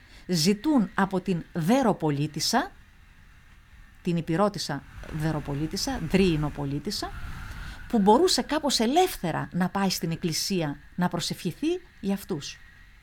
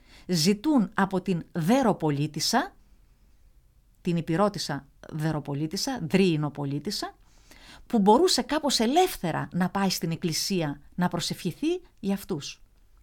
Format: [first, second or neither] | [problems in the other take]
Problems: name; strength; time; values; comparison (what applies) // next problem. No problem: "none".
second | wind noise on the microphone; occasional gusts; 20 dB below the speech